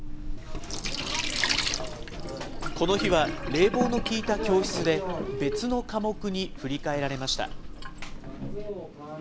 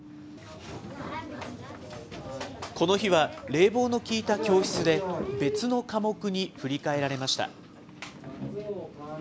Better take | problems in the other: second | background sound (Sink (filling or washing)); 4 dB below the speech

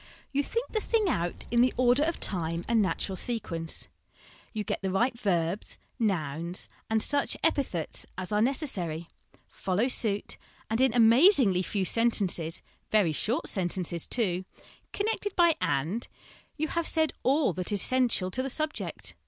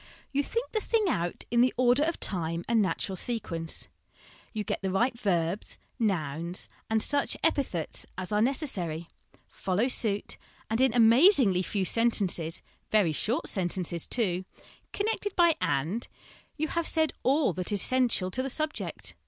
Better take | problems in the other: second | background sound (Wind); 14 dB below the speech

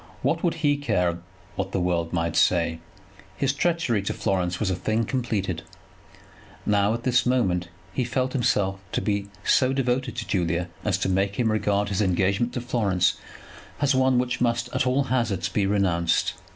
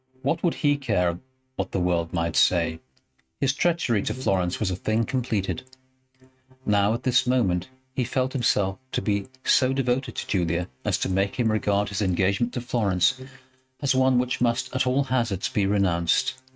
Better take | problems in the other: first | noise reduction (neural mask model RNNoise)

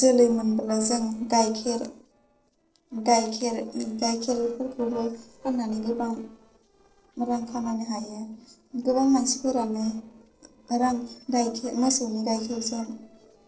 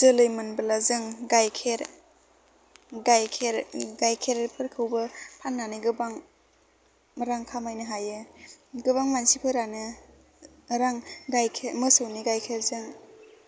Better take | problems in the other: second | noise reduction (neural separator model SepFormer DNS4)

